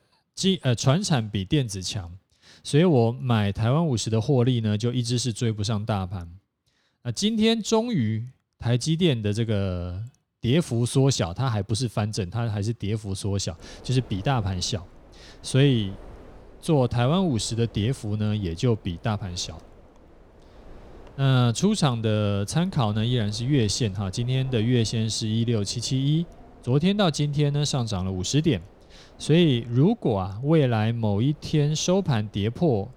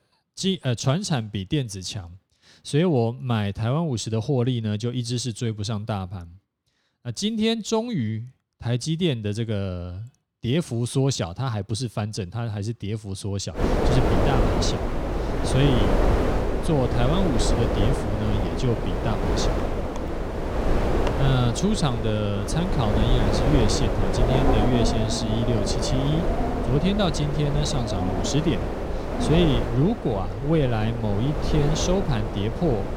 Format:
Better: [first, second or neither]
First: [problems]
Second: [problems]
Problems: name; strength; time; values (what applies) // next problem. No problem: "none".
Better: first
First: wind noise on the microphone; occasional gusts; from 14 s on; 25 dB below the speech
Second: wind noise on the microphone; heavy; from 14 s on; 1 dB above the speech